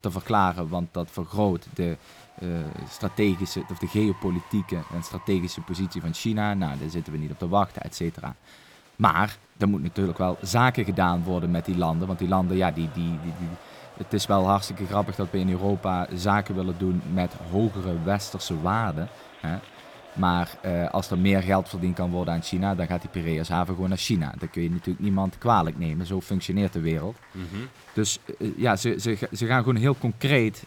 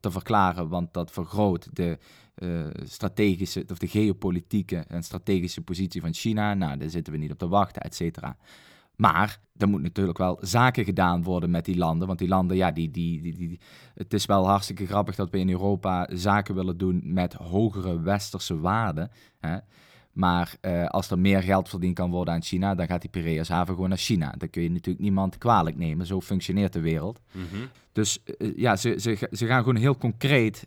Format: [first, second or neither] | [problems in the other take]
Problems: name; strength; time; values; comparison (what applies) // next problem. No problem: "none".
second | crowd noise; faint; throughout; 20 dB below the speech